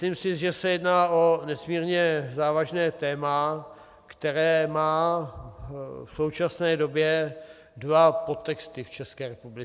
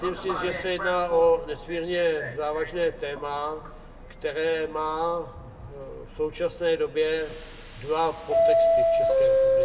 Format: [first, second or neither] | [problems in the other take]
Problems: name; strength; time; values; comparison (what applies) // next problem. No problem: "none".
first | background sound (Subway, metro, underground); as loud as the speech // room echo; dies away in 1.9 s